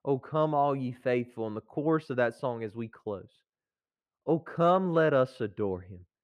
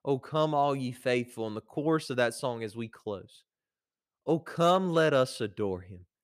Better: second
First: muffled; slightly; fading above 3 kHz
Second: none

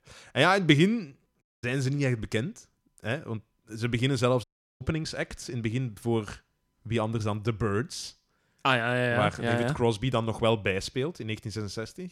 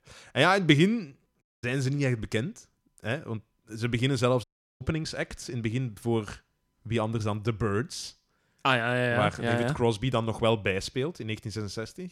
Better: neither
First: audio cutting out; at 1.5 s and at 4.5 s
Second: audio cutting out; at 1.5 s and at 4.5 s

